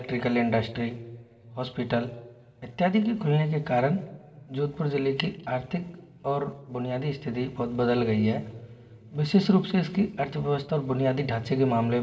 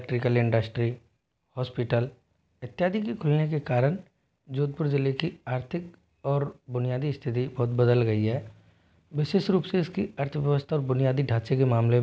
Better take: second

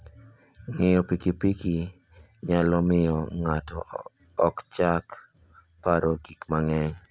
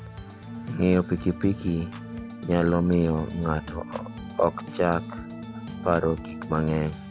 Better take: first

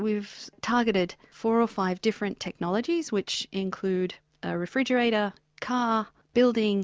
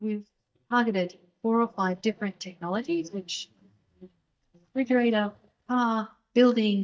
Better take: first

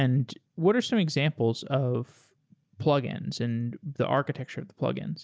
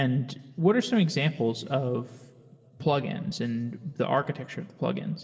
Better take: first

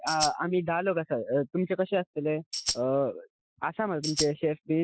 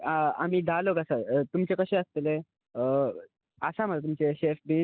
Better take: second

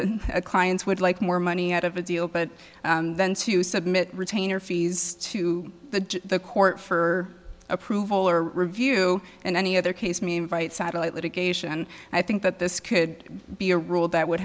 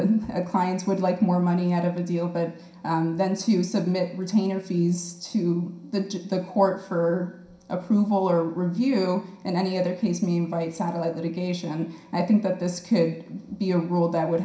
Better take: first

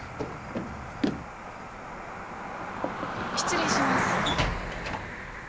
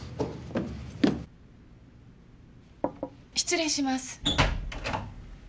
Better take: second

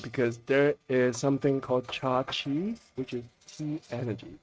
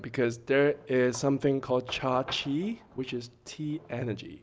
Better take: second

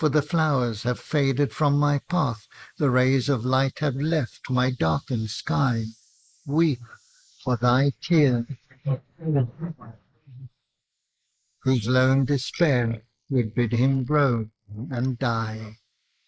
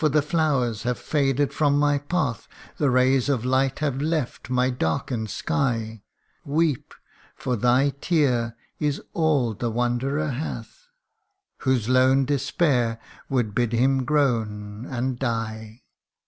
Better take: second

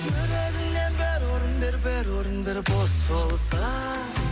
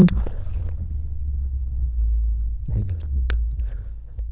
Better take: first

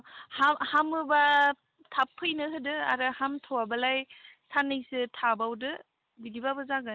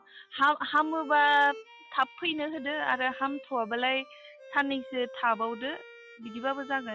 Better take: first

